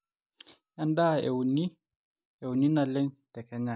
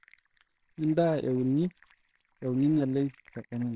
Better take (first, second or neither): first